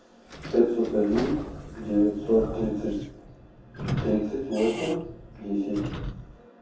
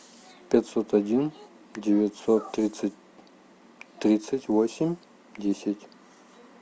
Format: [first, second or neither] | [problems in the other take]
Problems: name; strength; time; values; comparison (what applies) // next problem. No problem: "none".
second | background sound (Squeak / Sliding door); 10 dB below the speech // room echo; dies away in 0.7 s